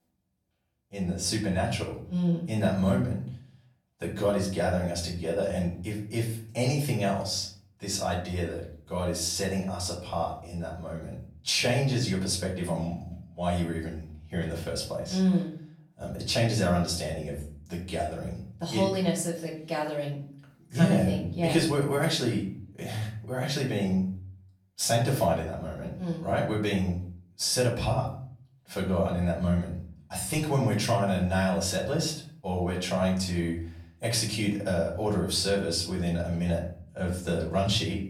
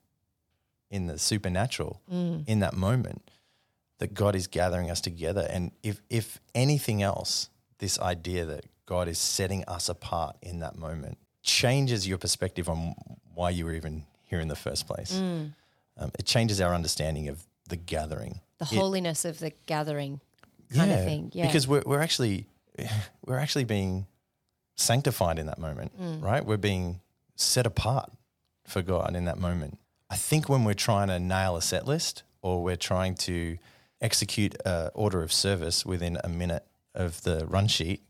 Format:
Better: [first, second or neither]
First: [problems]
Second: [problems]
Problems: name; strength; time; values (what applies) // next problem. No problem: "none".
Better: second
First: off-mic speech; far // room echo; slight; dies away in 0.5 s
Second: none